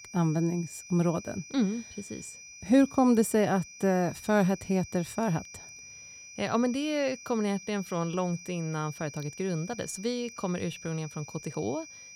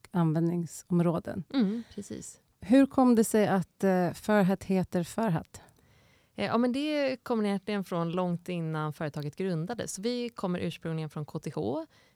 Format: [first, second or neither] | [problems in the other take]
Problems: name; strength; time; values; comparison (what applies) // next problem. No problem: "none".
second | high-pitched whine; noticeable; throughout; 6 kHz, 15 dB below the speech